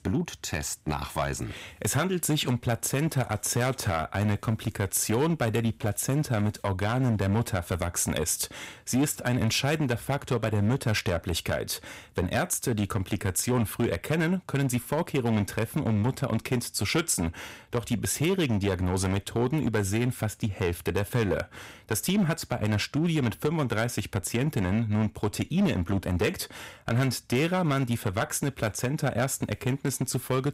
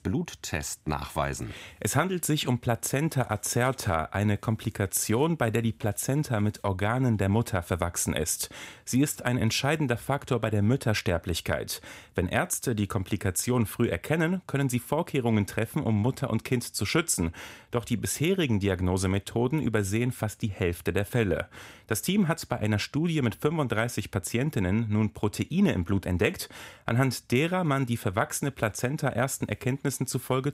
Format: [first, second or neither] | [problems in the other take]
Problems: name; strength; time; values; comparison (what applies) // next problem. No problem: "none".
second | distortion; slight; 7% of the sound clipped